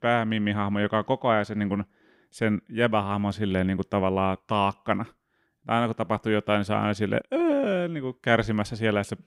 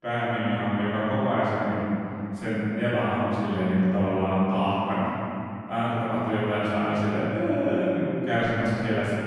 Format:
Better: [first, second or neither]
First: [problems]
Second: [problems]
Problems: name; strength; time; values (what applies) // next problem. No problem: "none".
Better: first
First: none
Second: off-mic speech; far // room echo; strong; dies away in 2.8 s